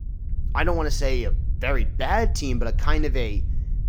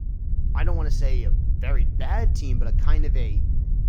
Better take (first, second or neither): first